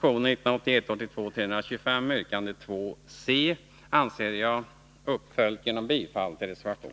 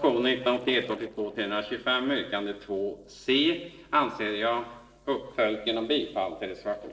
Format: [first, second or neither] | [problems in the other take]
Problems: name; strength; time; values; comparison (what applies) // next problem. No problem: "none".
first | noise reduction (neural separator model SepFormer DNS4)